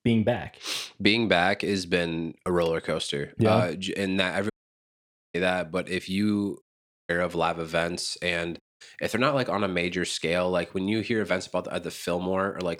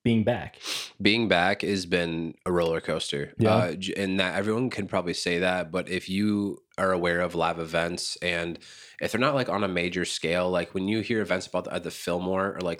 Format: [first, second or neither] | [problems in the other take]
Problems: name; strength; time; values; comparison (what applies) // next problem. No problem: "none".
second | audio cutting out; at 4.5 s for 1 s, at 6.5 s and at 8.5 s